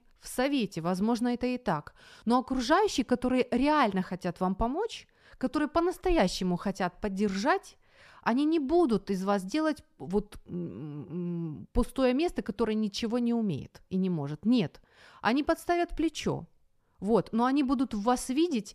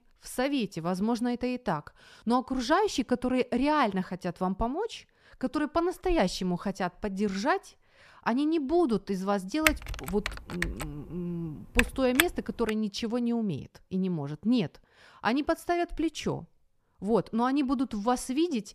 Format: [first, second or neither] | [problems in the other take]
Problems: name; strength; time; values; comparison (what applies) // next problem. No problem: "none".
first | keyboard typing; loud; from 9.5 to 13 s; peak 2 dB above the speech